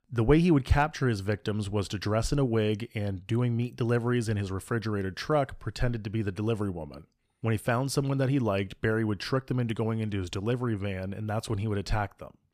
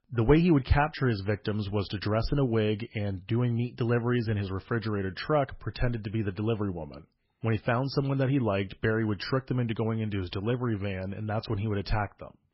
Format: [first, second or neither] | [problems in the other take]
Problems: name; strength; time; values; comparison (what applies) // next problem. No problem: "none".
first | garbled, watery; badly; nothing above 5.5 kHz